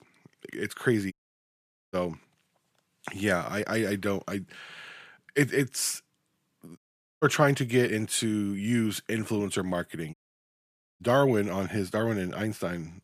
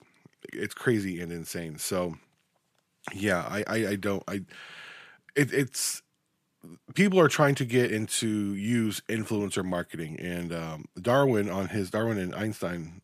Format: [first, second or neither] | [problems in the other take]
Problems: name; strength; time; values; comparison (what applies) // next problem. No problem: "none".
second | audio cutting out; at 1 s for 1 s, at 7 s and at 10 s for 1 s